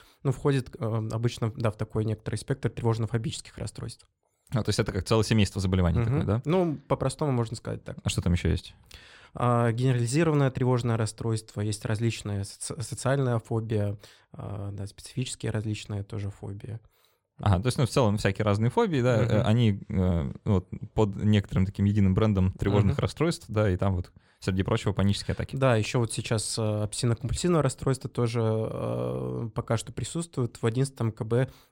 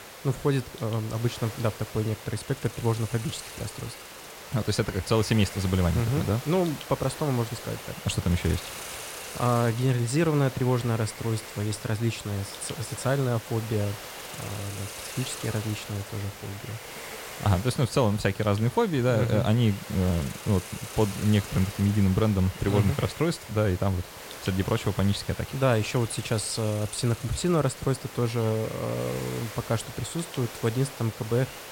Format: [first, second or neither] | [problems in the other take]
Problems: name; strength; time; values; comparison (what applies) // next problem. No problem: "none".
first | hiss; noticeable; throughout; 10 dB below the speech